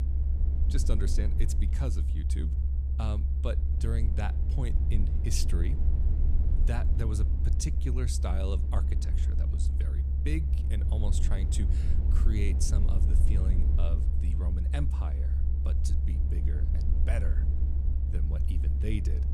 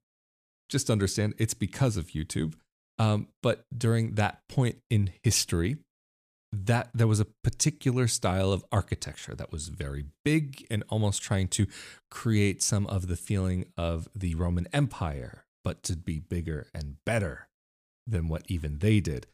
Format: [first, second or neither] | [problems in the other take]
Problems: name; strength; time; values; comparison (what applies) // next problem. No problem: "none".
second | low rumble; loud; throughout; 4 dB below the speech